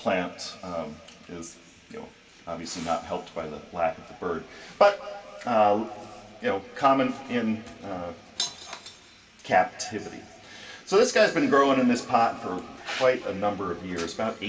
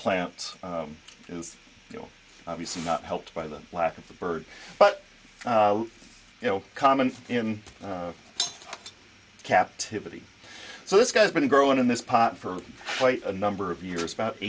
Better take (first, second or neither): second